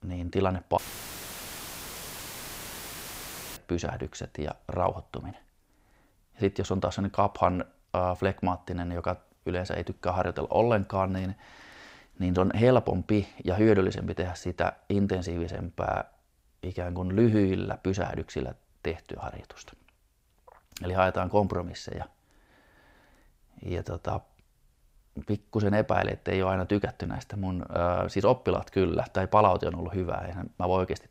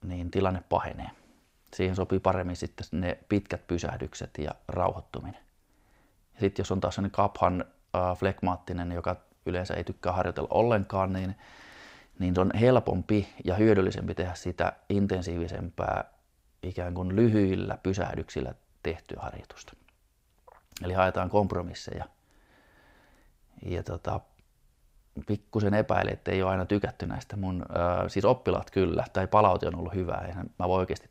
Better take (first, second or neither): second